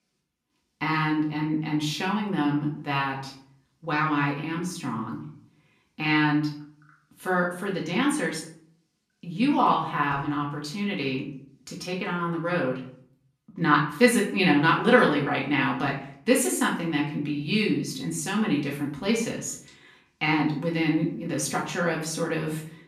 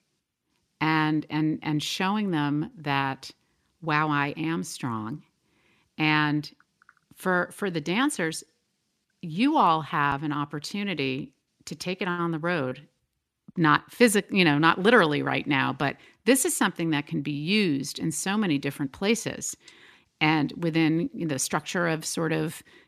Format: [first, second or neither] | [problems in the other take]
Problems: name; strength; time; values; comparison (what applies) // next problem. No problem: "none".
second | off-mic speech; far // room echo; slight; dies away in 0.4 s